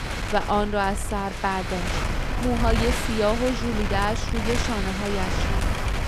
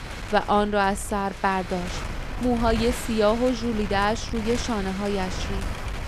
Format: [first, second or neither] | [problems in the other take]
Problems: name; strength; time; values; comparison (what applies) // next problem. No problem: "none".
second | wind noise on the microphone; heavy; 3 dB below the speech; occasional gusts in the second